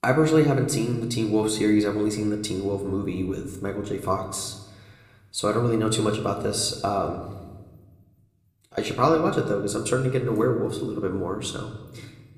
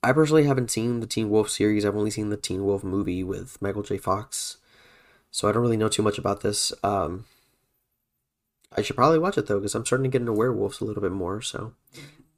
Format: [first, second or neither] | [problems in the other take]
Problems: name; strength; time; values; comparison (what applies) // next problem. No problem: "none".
second | room echo; slight; dies away in 1 s